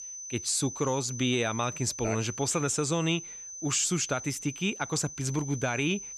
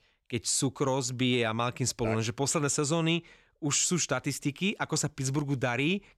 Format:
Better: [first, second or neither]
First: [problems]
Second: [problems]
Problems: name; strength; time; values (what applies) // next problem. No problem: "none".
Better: second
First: high-pitched whine; loud; throughout; 6 kHz, 9 dB below the speech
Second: none